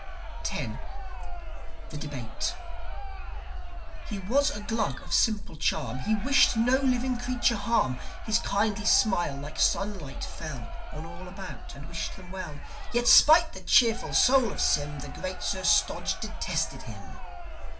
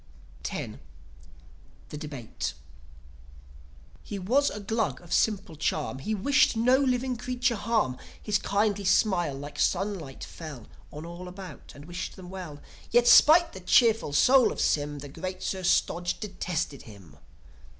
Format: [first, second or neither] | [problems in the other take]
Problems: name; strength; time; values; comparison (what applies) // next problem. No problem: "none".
second | background sound (Crowd); 17 dB below the speech // room echo; dies away in 0.2 s